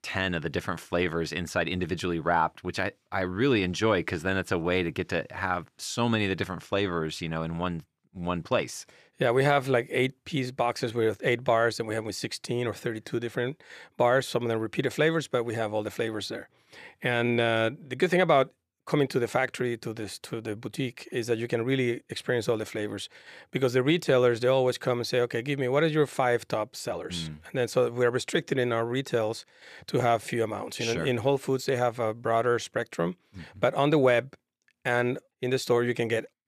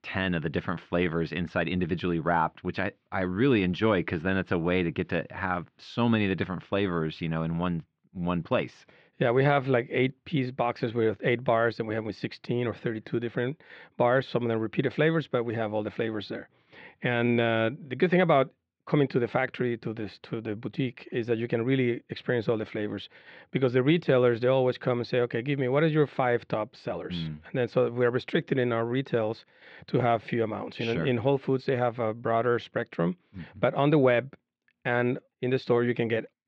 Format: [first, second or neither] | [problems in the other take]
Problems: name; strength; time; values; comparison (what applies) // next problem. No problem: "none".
first | muffled; slightly; fading above 3.5 kHz